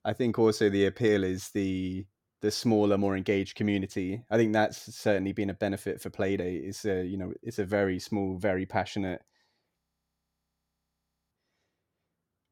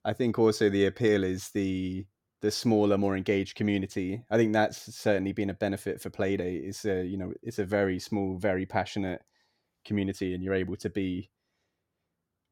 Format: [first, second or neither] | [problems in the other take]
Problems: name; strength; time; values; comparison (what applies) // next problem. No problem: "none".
second | audio freezing; at 10 s for 1.5 s